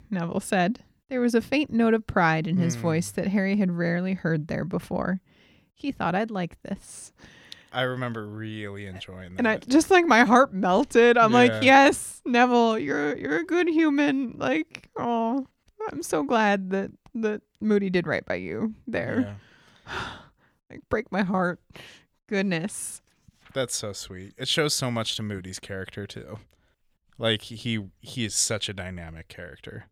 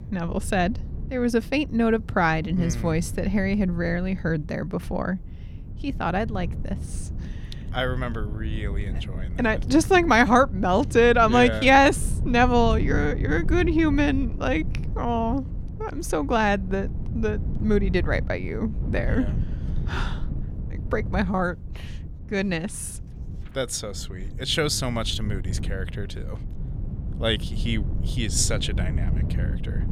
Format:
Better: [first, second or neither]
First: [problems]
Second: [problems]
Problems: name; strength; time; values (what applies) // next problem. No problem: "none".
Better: first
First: none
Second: wind noise on the microphone; occasional gusts; 20 dB below the speech